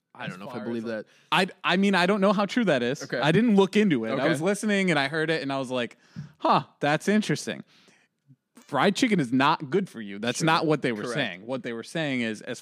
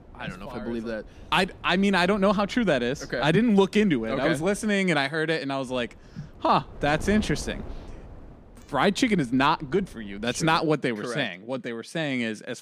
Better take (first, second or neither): first